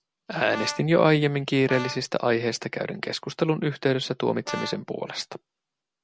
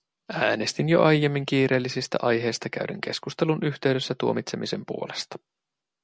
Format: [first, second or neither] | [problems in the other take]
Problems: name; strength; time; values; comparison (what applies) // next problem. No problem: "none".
second | background sound (Brass instrument); 13 dB below the speech